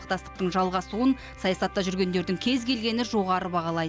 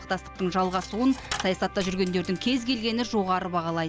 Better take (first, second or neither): first